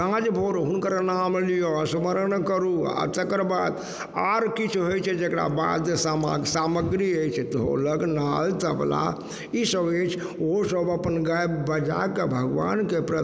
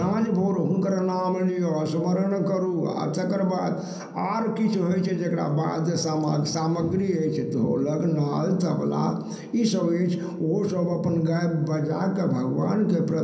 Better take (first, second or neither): first